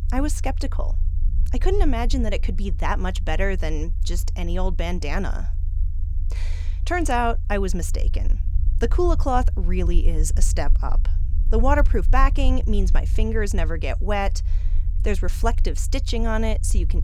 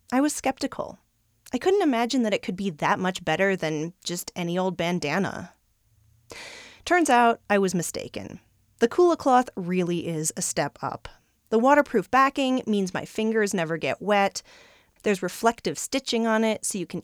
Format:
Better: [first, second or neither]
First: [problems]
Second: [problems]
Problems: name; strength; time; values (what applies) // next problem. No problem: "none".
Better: second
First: low rumble; noticeable; throughout; 20 dB below the speech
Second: none